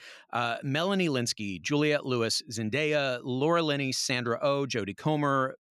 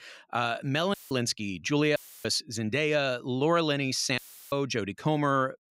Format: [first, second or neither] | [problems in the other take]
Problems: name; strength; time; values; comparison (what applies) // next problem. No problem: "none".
first | audio cutting out; filled with static; at 1 s, at 2 s and at 4 s